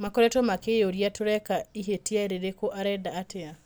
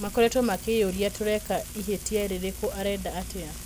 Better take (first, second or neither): first